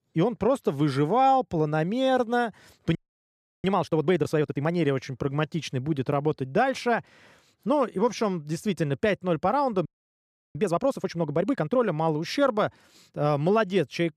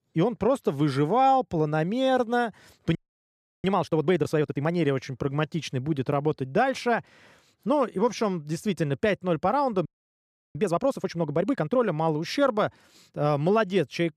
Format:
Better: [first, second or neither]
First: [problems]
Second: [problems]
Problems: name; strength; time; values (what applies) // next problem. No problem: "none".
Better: neither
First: audio freezing; at 3 s for 0.5 s and at 10 s for 0.5 s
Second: audio freezing; at 3 s for 0.5 s and at 10 s for 0.5 s